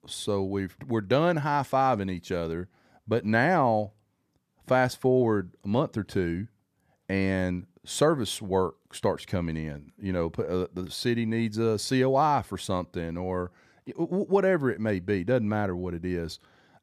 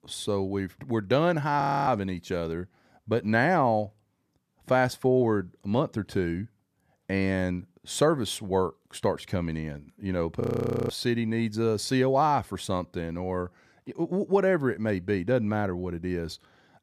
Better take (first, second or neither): first